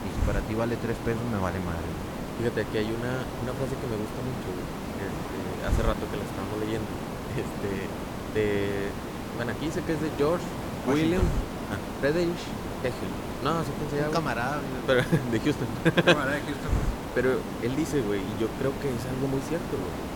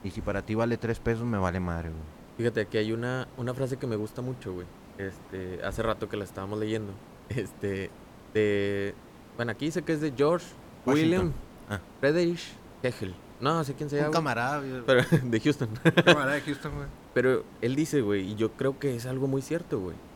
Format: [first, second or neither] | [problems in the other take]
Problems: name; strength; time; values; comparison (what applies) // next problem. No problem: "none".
second | hiss; loud; throughout; 4 dB below the speech; faint in the second